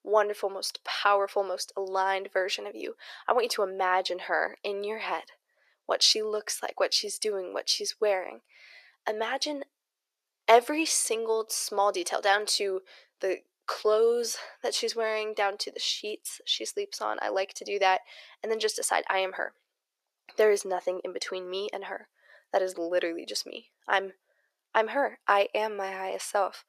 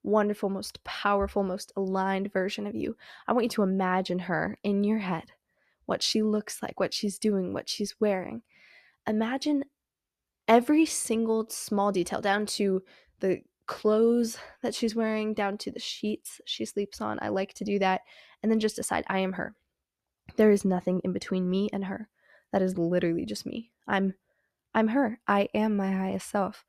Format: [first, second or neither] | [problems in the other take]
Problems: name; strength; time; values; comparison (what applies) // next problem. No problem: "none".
second | thin; very; fading below 450 Hz